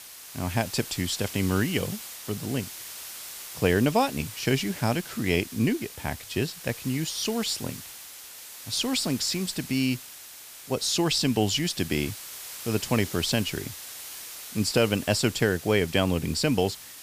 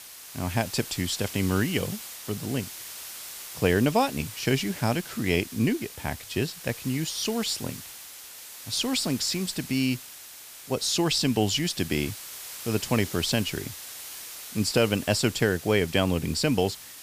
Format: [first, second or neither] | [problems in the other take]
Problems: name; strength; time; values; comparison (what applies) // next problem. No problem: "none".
neither | hiss; noticeable; throughout; 10 dB below the speech; the same in both